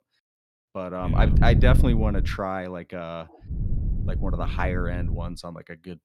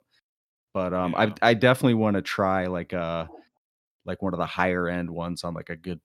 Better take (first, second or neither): second